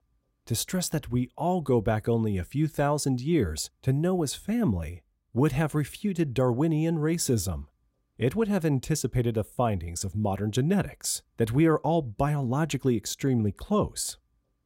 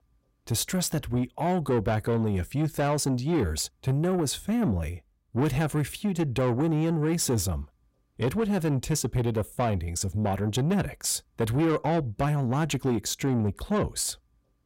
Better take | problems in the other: first | distortion; slight; 10 dB below the speech

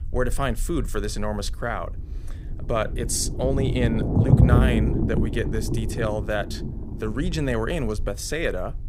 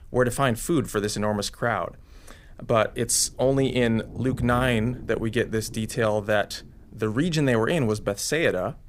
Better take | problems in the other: second | low rumble; loud; throughout; 4 dB below the speech; faint in the second

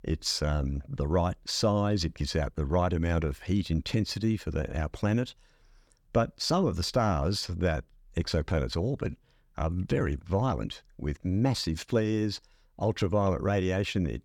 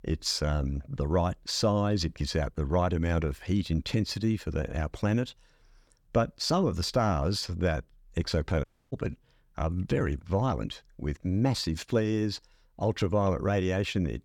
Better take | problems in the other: first | audio cutting out; at 8.5 s

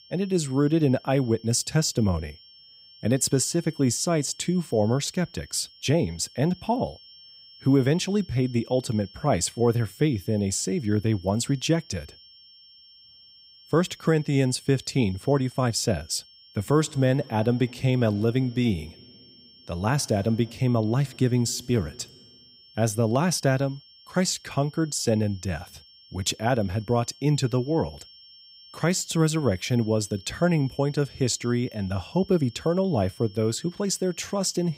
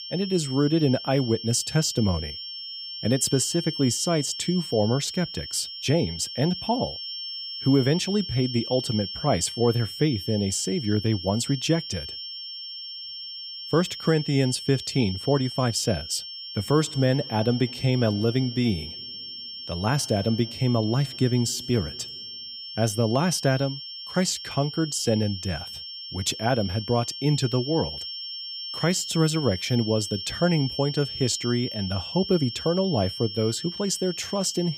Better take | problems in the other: first | high-pitched whine; loud; throughout; 5.5 kHz, 8 dB below the speech; faint in the first

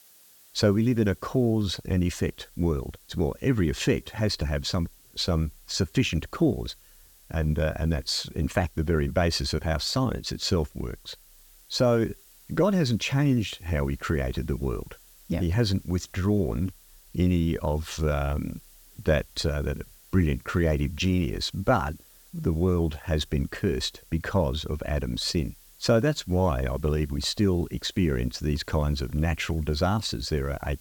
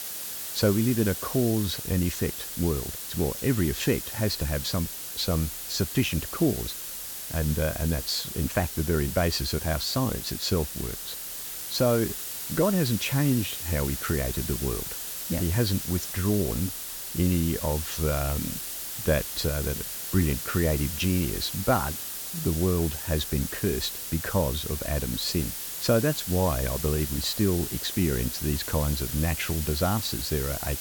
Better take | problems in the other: first | hiss; loud; throughout; 4 dB below the speech; faint in the first

